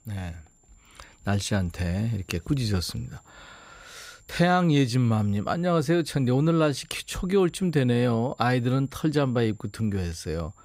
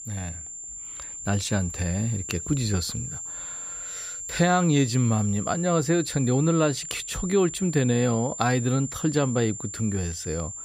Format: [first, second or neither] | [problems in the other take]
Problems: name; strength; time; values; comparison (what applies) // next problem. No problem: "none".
first | high-pitched whine; loud; throughout; 7.5 kHz, 8 dB below the speech; faint in the first